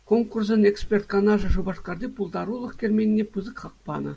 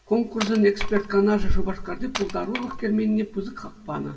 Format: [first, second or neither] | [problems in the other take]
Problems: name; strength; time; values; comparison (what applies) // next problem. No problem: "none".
first | background sound (Wood); 15 dB below the speech // room echo; dies away in 0.8 s